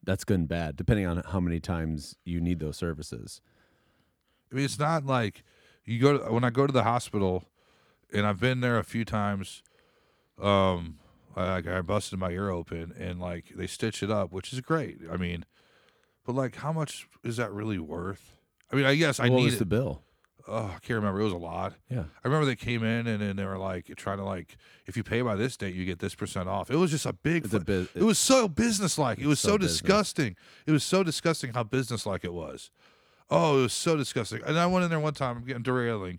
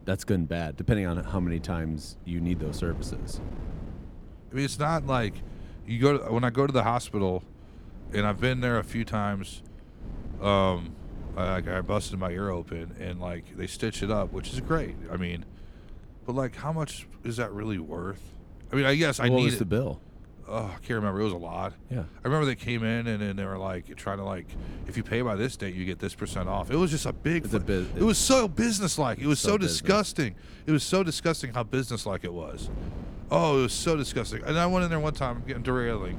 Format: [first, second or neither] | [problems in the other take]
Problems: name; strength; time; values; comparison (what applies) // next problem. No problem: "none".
first | wind noise on the microphone; occasional gusts; 20 dB below the speech